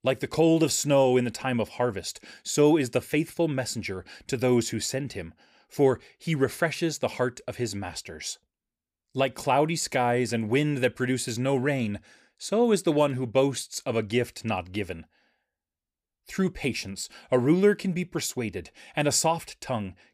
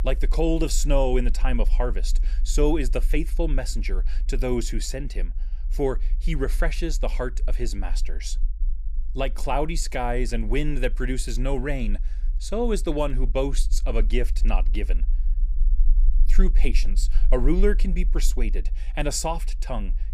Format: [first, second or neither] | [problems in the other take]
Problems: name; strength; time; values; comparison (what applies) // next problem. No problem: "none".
first | low rumble; faint; throughout; 25 dB below the speech